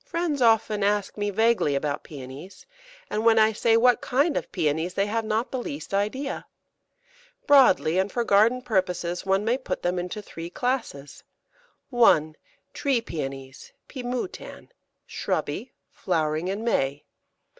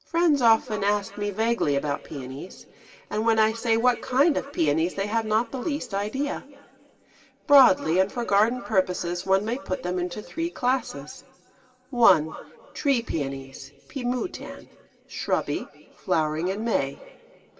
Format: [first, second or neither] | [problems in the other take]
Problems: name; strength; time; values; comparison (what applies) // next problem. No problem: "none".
first | room echo; dies away in 2.5 s